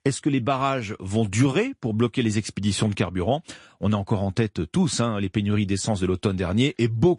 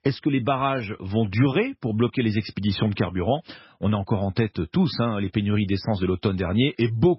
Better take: first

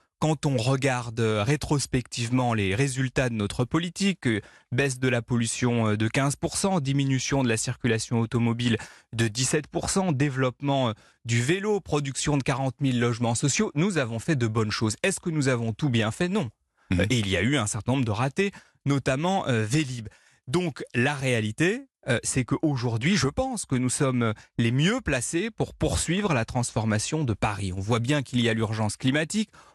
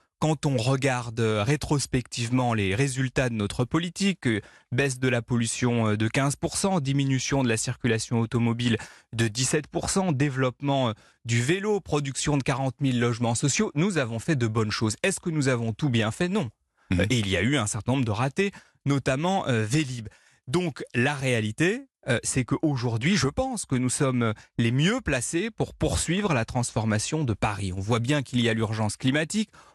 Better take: neither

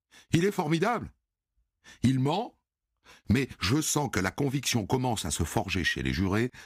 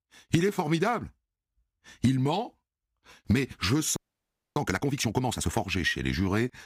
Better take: first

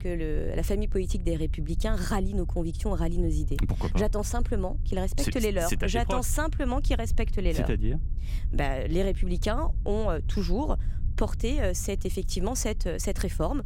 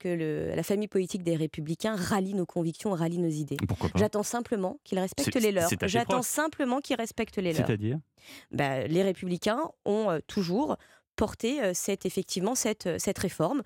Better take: second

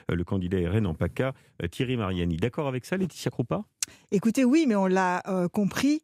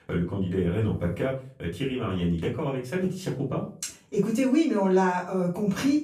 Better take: first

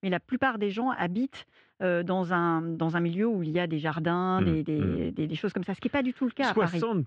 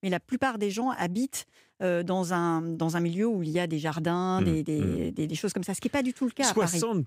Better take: second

